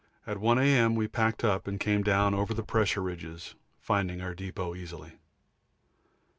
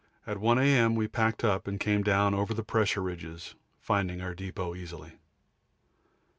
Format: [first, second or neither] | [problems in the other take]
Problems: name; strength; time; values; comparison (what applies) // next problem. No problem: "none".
second | background sound (Dog); 15 dB below the speech